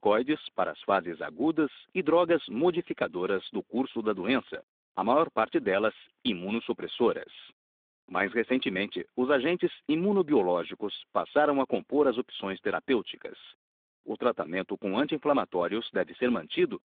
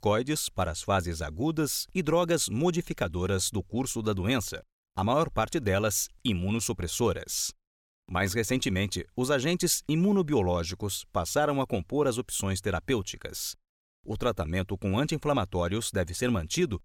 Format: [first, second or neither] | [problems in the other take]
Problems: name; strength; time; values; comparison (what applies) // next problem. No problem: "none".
second | phone-call audio; nothing above 3.5 kHz